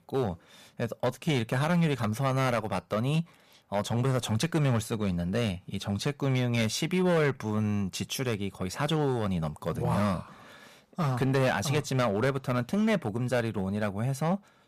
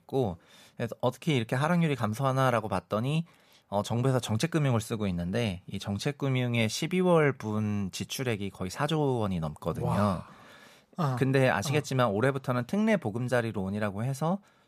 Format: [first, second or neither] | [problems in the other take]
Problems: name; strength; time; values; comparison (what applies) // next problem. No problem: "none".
second | distortion; slight; 6% of the sound clipped